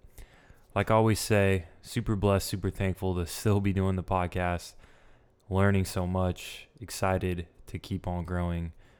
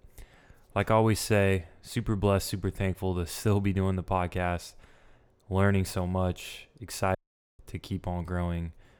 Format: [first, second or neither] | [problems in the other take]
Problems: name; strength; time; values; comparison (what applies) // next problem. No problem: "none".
first | audio cutting out; at 7 s